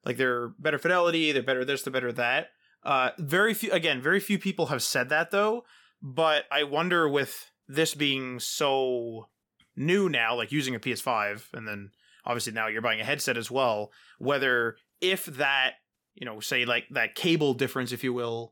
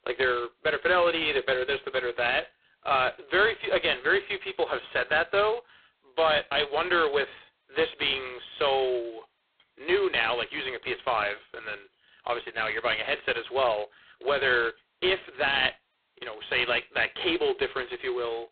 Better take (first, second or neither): first